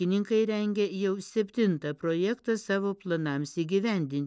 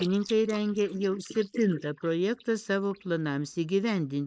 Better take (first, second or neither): first